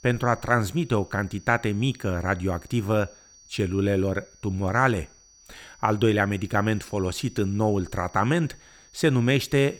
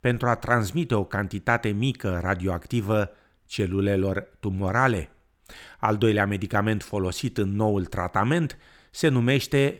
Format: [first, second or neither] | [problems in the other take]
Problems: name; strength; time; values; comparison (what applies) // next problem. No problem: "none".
second | high-pitched whine; faint; throughout; 6 kHz, 25 dB below the speech